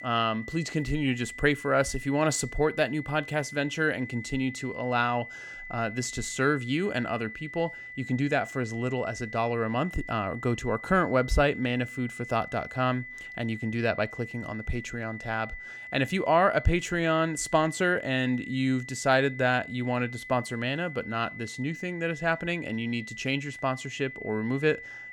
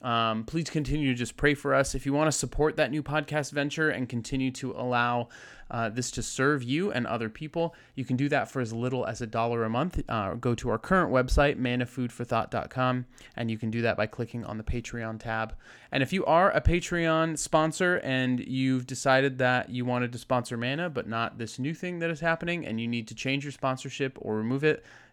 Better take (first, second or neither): second